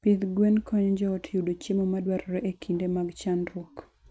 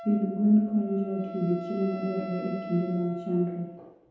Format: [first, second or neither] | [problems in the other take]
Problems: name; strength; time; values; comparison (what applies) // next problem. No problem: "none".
first | background sound (Wind instrument, woodwind instrument); 13 dB below the speech // room echo; dies away in 0.9 s